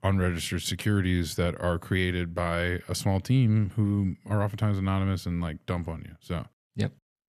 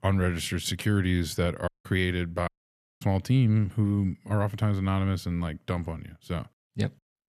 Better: first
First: none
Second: audio cutting out; at 1.5 s and at 2.5 s for 0.5 s

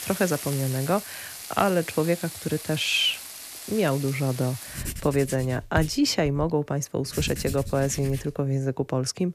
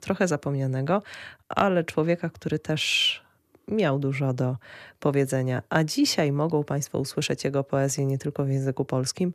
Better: second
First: household noises; noticeable; throughout; 10 dB below the speech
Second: none

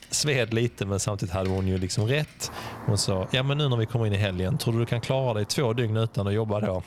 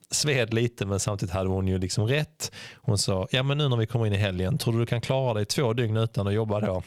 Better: second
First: traffic noise; noticeable; throughout; 20 dB below the speech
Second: none

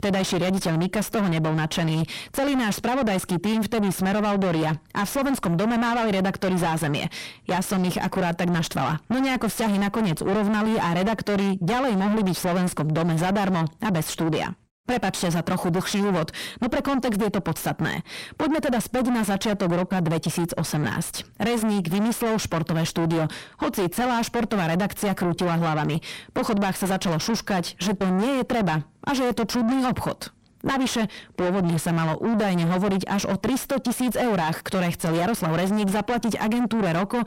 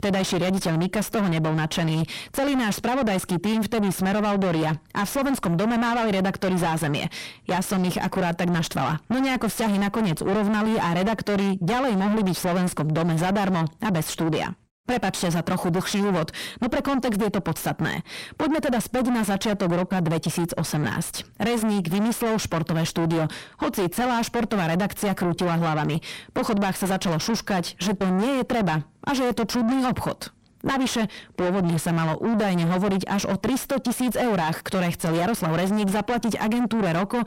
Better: neither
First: distortion; heavy; 5 dB below the speech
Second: distortion; heavy; 5 dB below the speech

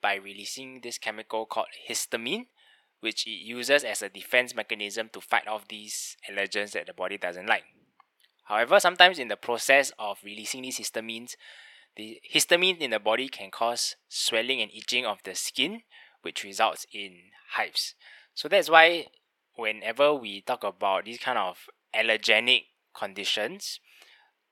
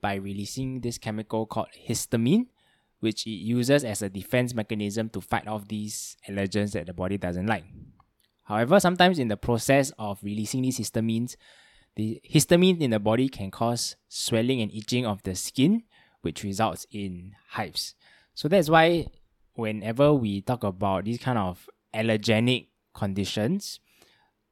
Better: second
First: thin; very; fading below 600 Hz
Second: none

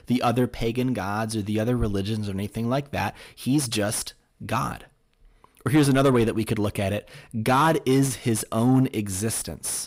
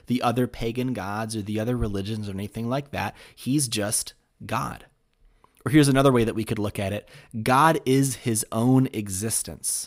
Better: second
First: distortion; slight; 10 dB below the speech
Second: none

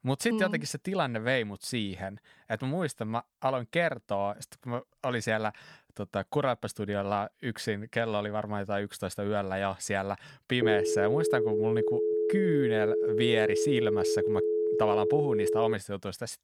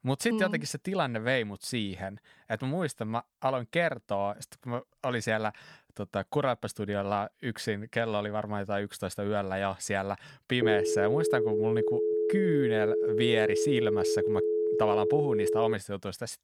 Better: neither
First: phone ringing; loud; from 11 to 16 s; peak 4 dB above the speech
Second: phone ringing; loud; from 11 to 16 s; peak 4 dB above the speech

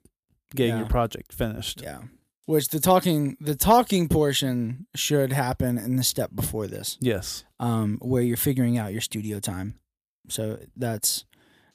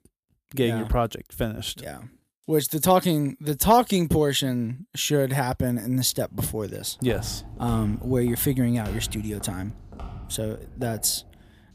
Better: first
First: none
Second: footsteps; faint; from 7 s on; peak 10 dB below the speech

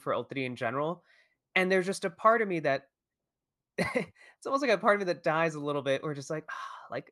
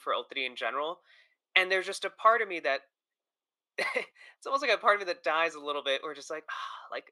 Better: first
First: none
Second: thin; very; fading below 400 Hz

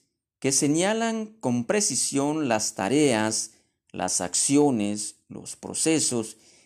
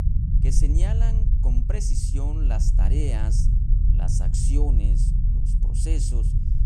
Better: first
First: none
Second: low rumble; loud; throughout; 3 dB below the speech

